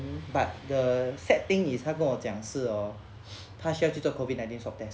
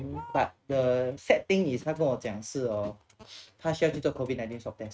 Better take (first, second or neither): first